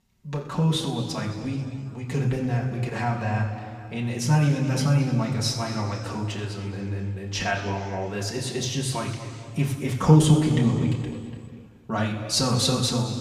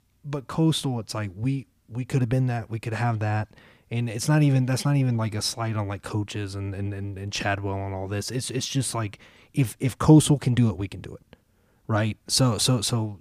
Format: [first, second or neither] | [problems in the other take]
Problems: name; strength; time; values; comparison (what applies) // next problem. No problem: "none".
second | room echo; noticeable; dies away in 2.2 s // off-mic speech; somewhat distant